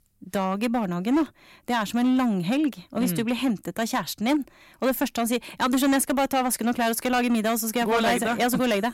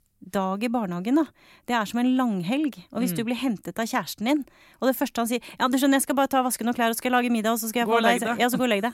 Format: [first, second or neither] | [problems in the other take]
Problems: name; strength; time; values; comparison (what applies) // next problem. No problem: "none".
second | distortion; slight; 8% of the sound clipped